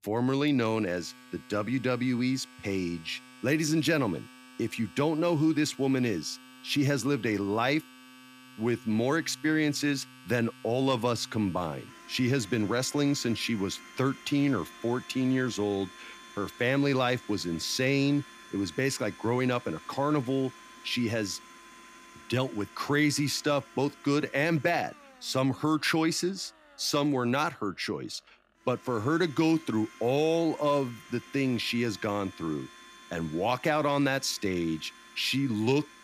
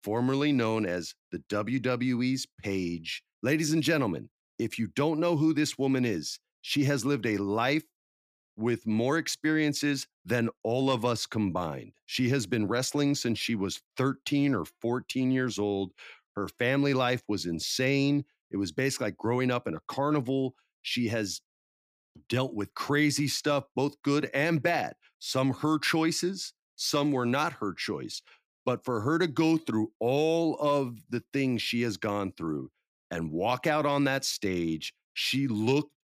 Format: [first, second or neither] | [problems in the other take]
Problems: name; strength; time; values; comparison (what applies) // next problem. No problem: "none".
second | household noises; faint; throughout; 20 dB below the speech